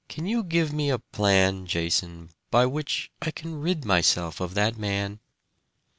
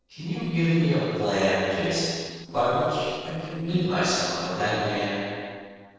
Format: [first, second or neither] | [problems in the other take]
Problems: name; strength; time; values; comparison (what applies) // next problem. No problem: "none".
first | noise reduction (neural separator model SepFormer DNS4)